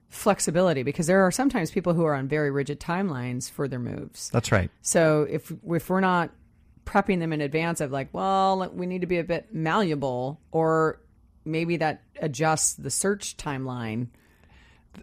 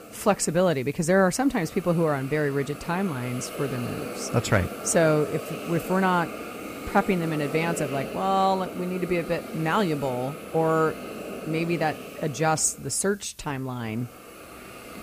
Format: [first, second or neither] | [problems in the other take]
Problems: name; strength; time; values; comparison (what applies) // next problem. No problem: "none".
first | hiss; noticeable; throughout; 10 dB below the speech